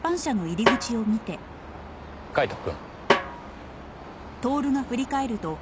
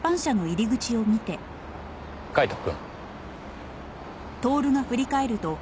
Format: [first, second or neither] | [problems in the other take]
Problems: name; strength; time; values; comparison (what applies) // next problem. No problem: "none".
second | background sound (Snare drum); 1 dB below the speech